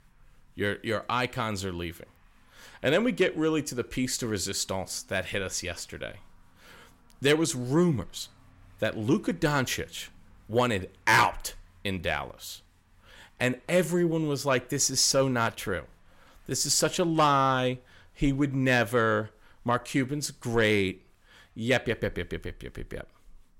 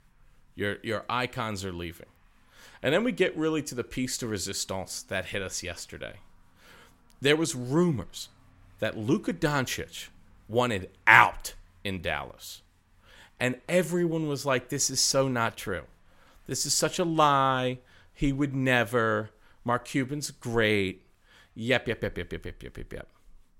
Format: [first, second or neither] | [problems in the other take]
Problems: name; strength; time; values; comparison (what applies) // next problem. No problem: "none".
second | distortion; slight; 10 dB below the speech